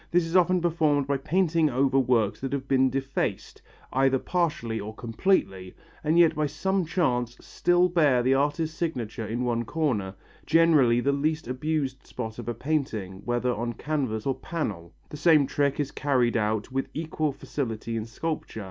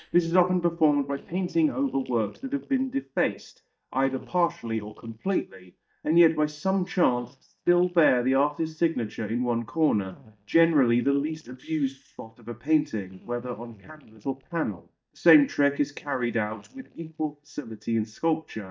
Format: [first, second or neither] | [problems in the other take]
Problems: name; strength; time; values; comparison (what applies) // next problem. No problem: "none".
first | noise reduction (neural mask model DeepFilterNet 3)